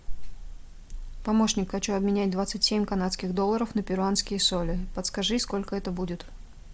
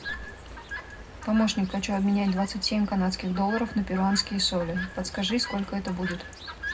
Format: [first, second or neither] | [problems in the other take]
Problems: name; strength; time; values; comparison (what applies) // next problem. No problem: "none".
first | background sound (Chirp, tweet); 13 dB below the speech // room echo; dies away in 0.3 s